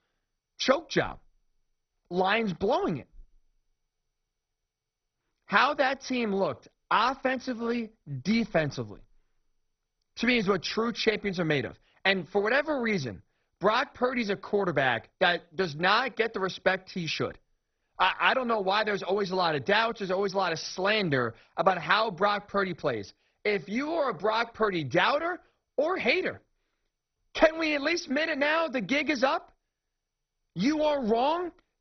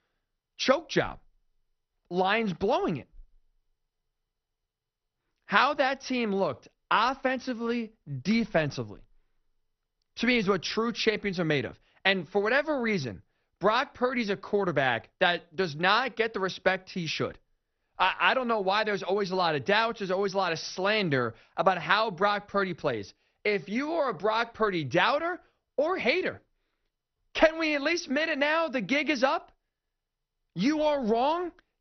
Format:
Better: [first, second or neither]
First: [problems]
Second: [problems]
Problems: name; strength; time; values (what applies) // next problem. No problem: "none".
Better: second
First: garbled, watery; badly; nothing above 6 kHz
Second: garbled, watery; slightly; nothing above 6 kHz